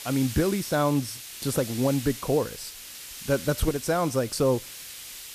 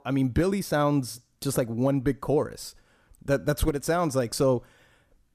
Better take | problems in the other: second | hiss; noticeable; throughout; 10 dB below the speech

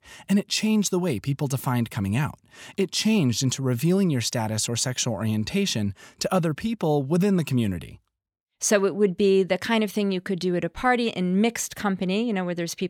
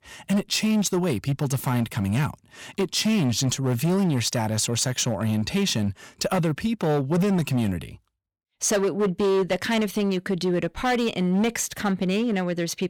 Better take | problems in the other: first | distortion; slight; 12% of the sound clipped

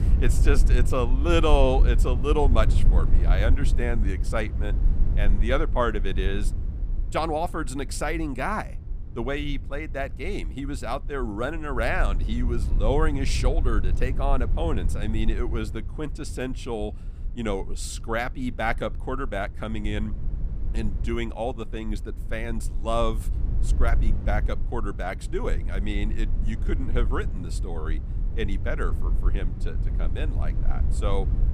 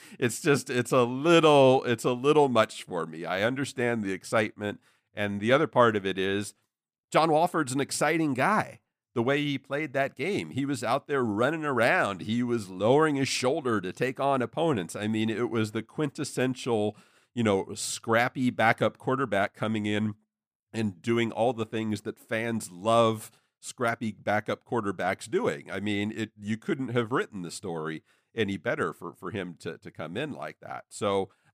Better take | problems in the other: second | low rumble; noticeable; throughout; 15 dB below the speech

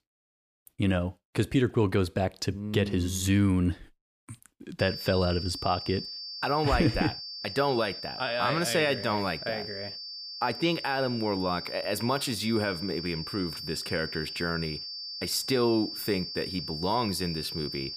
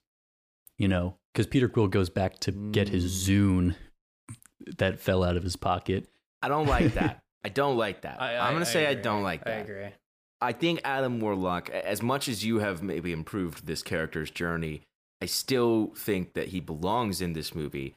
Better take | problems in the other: second | high-pitched whine; loud; from 5 s on; 4.5 kHz, 7 dB below the speech

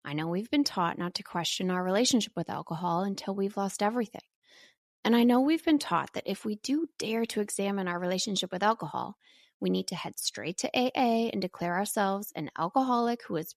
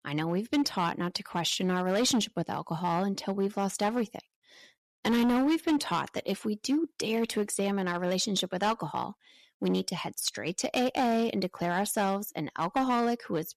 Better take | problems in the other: first | distortion; slight; 7% of the sound clipped

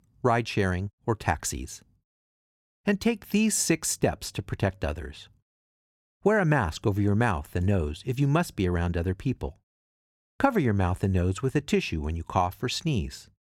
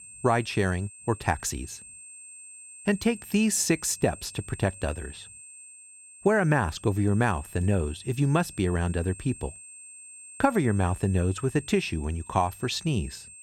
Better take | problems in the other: first | high-pitched whine; noticeable; throughout; 8.5 kHz, 15 dB below the speech

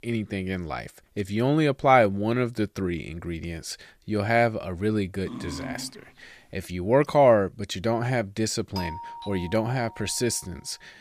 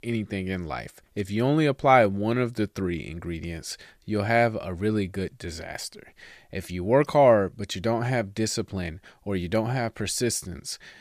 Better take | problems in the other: second | dog barking; faint; at 5.5 s; peak 10 dB below the speech // doorbell; faint; from 9 to 10 s; peak 10 dB below the speech

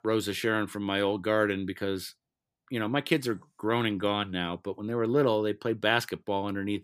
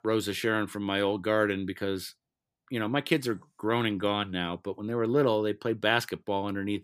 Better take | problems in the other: neither | none

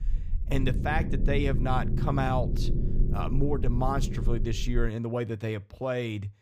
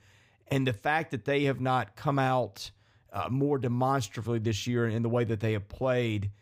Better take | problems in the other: second | low rumble; loud; until 5 s; 9 dB below the speech

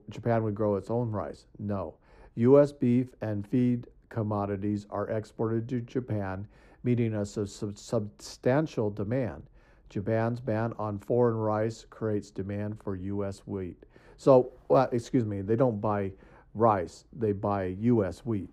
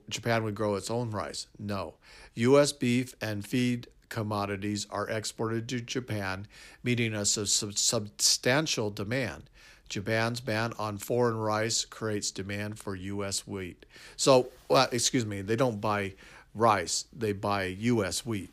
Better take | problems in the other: second | muffled; very; fading above 1.5 kHz

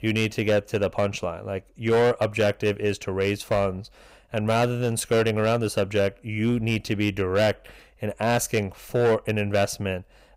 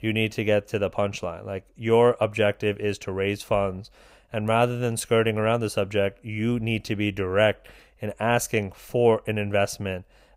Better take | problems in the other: second | distortion; slight; 7% of the sound clipped

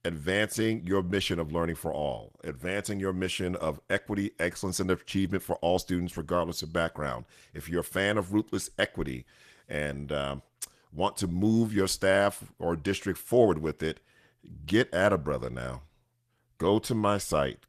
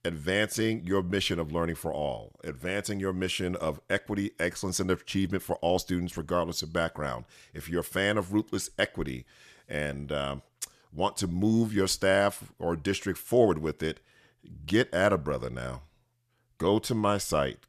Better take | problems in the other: second | garbled, watery; slightly; nothing above 14.5 kHz

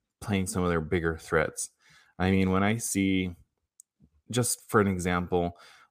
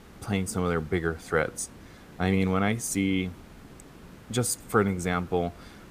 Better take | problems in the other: first | hiss; faint; throughout; 20 dB below the speech

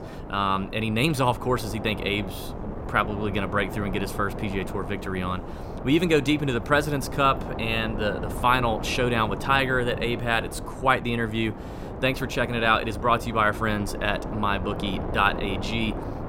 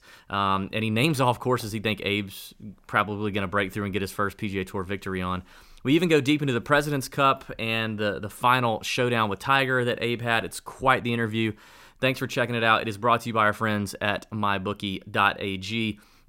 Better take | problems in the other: second | wind noise on the microphone; occasional gusts; 10 dB below the speech

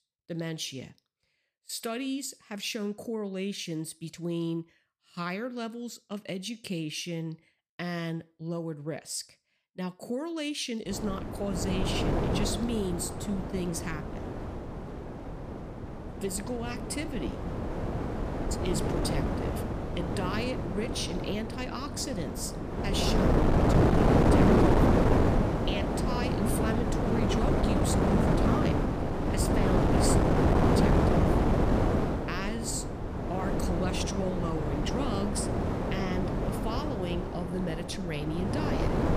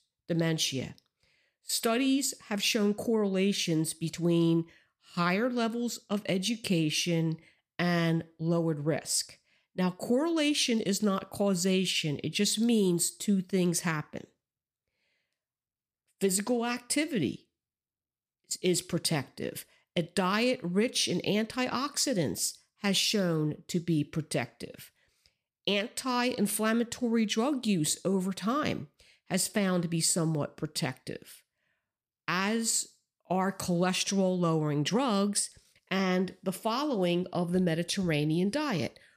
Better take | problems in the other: second | wind noise on the microphone; heavy; from 11 s on; 5 dB above the speech

